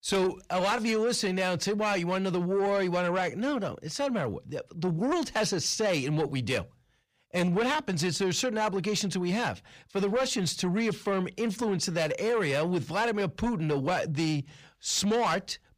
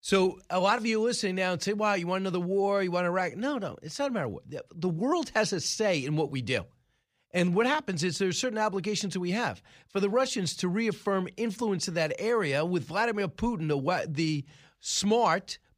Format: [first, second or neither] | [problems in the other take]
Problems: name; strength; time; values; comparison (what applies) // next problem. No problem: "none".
second | distortion; slight; 10 dB below the speech